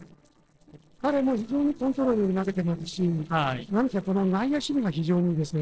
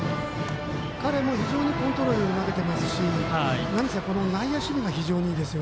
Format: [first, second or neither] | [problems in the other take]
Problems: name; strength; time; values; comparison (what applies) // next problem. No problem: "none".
second | noise reduction (neural separator model SepFormer DNS4)